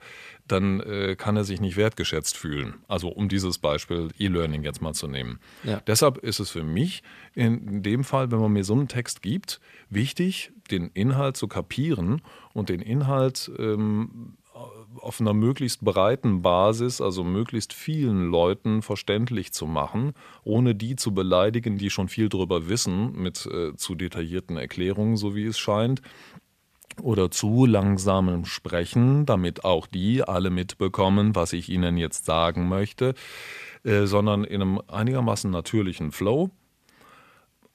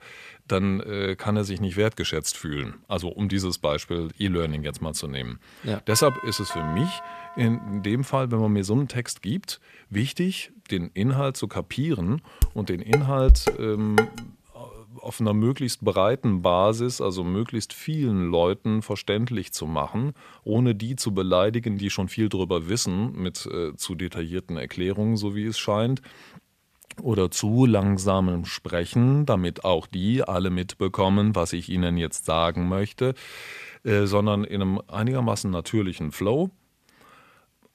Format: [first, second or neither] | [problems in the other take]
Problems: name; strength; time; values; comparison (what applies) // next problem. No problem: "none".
first | doorbell; noticeable; from 6 to 8 s; peak 8 dB below the speech // clattering dishes; loud; from 12 to 14 s; peak 5 dB above the speech